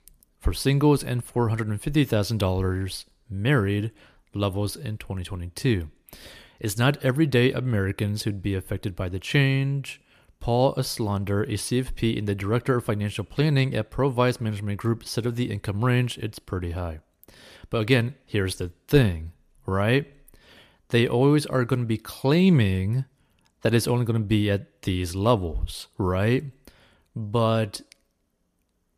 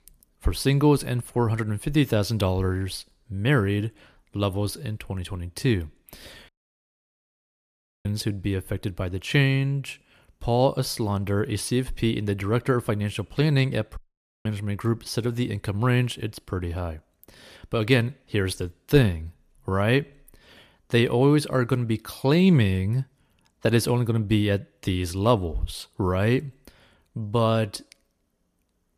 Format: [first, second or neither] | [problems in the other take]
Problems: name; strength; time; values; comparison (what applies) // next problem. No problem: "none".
first | audio cutting out; at 6.5 s for 1.5 s and at 14 s